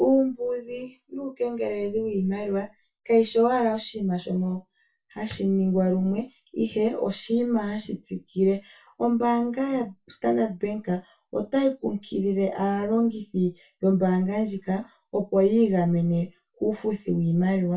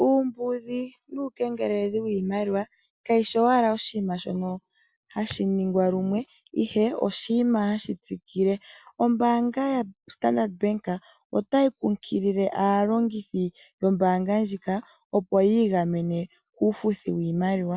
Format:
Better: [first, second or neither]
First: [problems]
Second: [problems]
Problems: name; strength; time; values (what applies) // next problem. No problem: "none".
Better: second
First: room echo; dies away in 0.2 s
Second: none